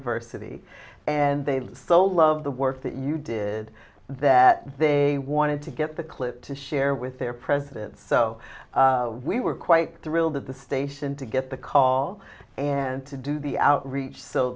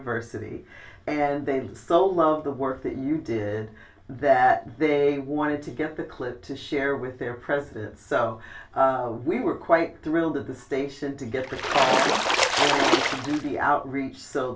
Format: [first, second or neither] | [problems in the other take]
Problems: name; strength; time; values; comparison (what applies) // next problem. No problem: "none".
first | background sound (Splash, splatter); 2 dB above the speech // room echo; dies away in 0.2 s